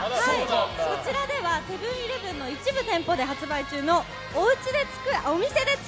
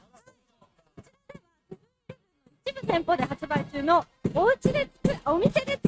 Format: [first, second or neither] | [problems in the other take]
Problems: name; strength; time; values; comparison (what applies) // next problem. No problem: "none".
first | noise reduction (neural mask model RNNoise)